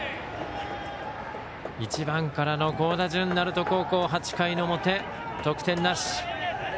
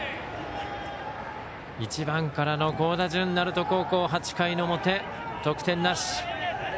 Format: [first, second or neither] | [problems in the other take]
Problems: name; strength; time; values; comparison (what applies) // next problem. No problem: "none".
second | background sound (Hammer / Wood); 16 dB below the speech